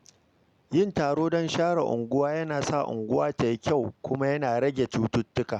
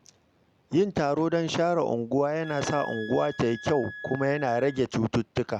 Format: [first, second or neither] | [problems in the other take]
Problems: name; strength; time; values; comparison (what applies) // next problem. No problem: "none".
first | background sound (Wind instrument, woodwind instrument); 15 dB below the speech